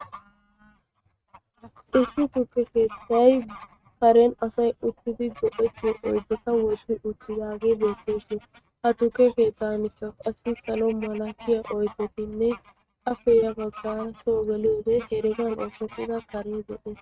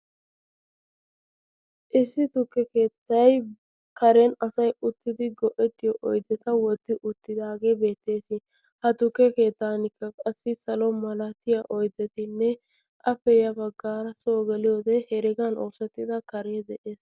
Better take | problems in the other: second | noise reduction (neural mask model RNNoise)

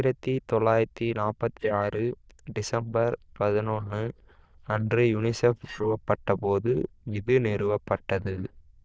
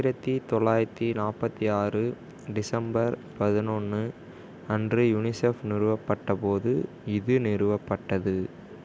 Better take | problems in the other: second | noise reduction (neural diffusion model UNIVERSE++)

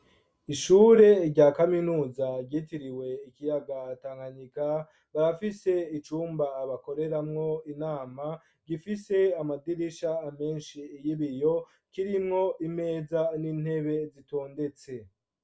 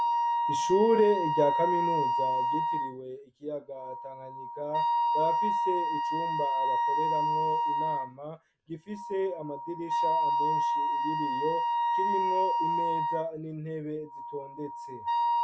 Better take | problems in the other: first | background sound (Wind instrument, woodwind instrument); 4 dB above the speech

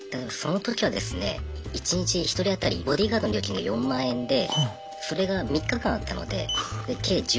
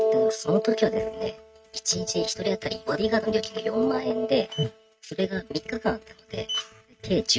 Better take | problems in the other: first | noise reduction (neural mask model RNNoise)

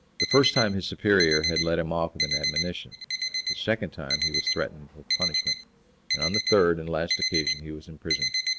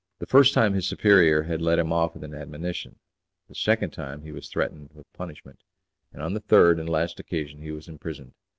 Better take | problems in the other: second | background sound (Alarm); 2 dB below the speech

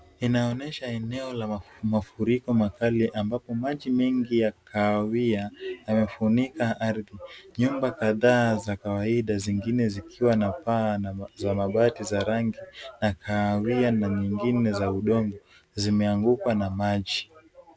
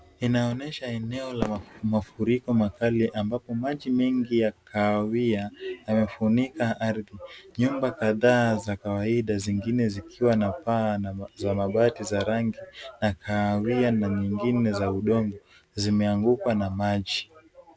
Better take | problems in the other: first | background sound (Fireworks); 15 dB below the speech

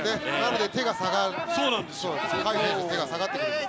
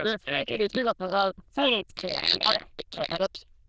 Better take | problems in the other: first | noise reduction (neural diffusion model UNIVERSE++)

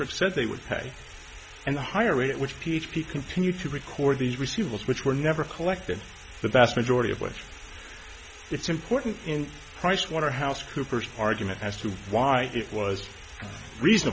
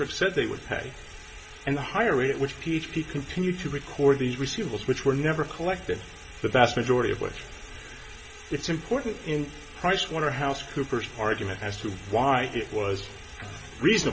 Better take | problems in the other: first | room echo; dies away in 2.1 s

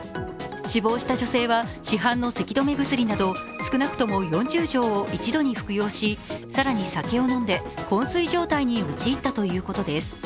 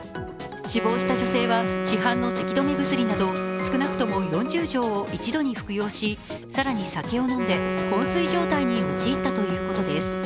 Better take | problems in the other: first | background sound (Wind instrument, woodwind instrument); 2 dB below the speech

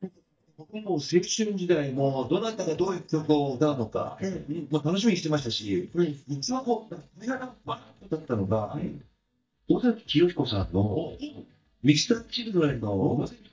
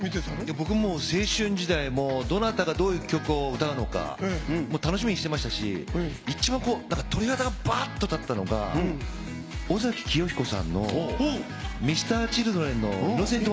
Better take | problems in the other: second | noise reduction (neural mask model DeepFilterNet 3)

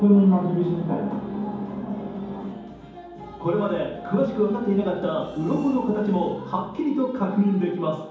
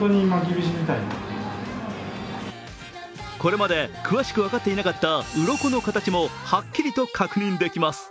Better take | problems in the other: second | room echo; dies away in 1.2 s

